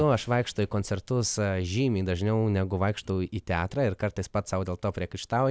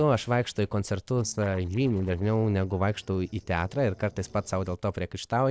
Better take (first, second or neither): first